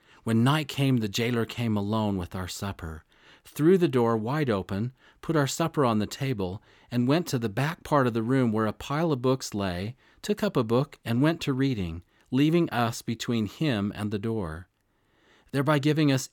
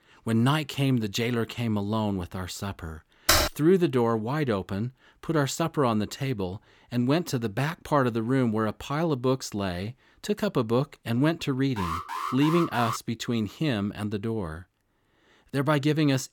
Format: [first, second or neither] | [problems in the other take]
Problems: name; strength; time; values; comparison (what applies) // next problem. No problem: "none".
first | keyboard typing; loud; at 3.5 s; peak 5 dB above the speech // alarm; noticeable; from 12 to 13 s; peak 5 dB below the speech